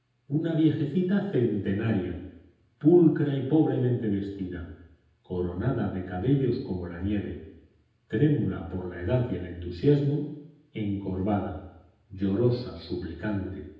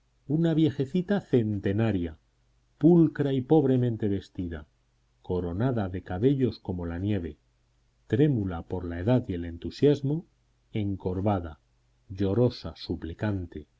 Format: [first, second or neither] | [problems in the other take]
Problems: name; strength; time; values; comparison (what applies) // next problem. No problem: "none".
second | room echo; dies away in 0.9 s